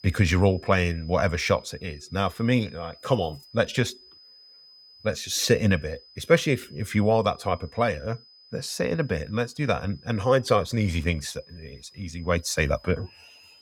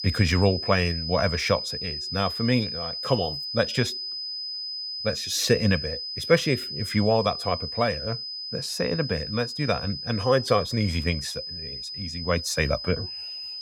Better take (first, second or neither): first